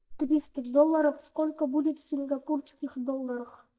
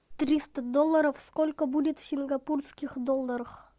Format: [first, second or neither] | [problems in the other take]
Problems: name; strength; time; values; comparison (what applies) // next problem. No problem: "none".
second | noise reduction (neural mask model DeepFilterNet 3)